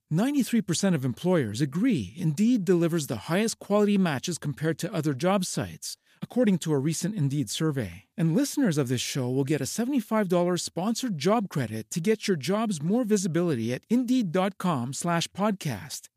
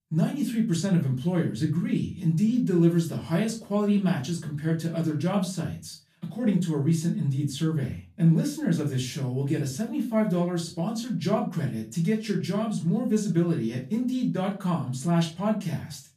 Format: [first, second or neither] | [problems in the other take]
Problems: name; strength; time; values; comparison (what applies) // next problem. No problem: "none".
first | room echo; slight; dies away in 0.3 s // off-mic speech; far